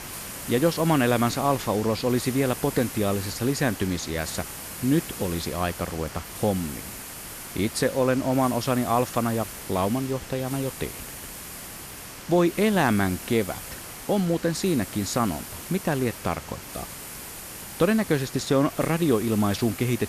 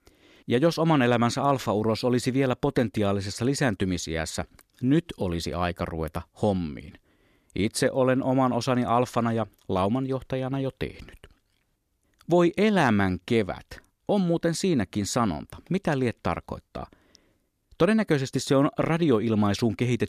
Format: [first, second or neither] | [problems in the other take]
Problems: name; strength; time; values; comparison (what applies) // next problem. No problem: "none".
second | hiss; noticeable; throughout; 10 dB below the speech